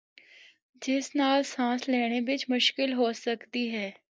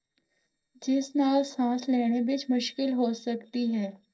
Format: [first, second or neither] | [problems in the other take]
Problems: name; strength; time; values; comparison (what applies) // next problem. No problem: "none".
first | noise reduction (neural separator model SepFormer DNS4)